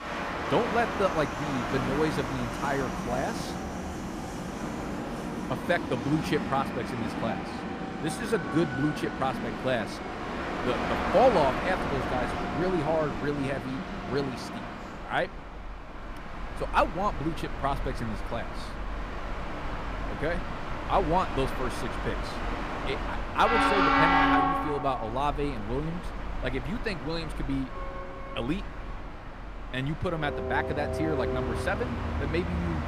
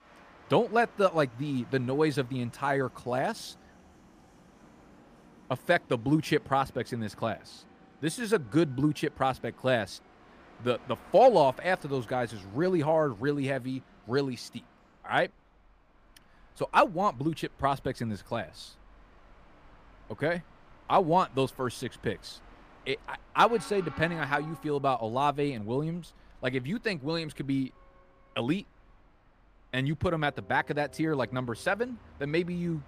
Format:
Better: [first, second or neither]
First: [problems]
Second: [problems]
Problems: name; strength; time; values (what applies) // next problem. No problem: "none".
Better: second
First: train or aircraft noise; loud; throughout; 2 dB below the speech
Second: train or aircraft noise; faint; throughout; 25 dB below the speech